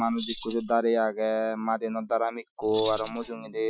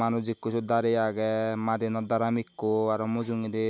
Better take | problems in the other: second | noise reduction (classical method Wiener filter)

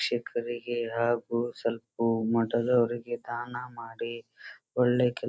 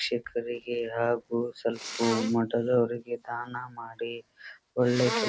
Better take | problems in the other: first | background sound (Sneeze); 10 dB below the speech

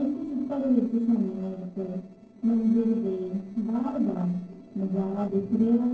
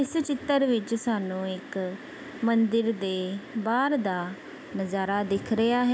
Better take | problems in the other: second | noise reduction (neural separator model SepFormer DNS4)

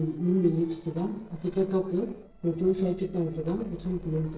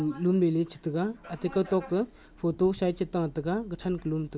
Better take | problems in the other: second | noise reduction (neural separator model SepFormer DNS4)

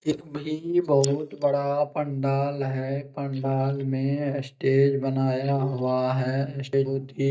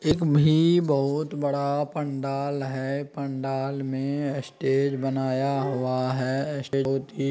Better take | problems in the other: second | noise reduction (neural mask model DeepFilterNet 3)

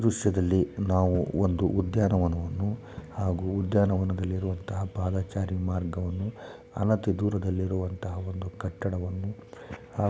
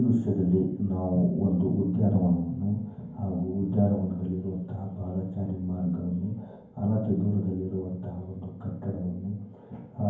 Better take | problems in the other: first | room echo; dies away in 0.9 s

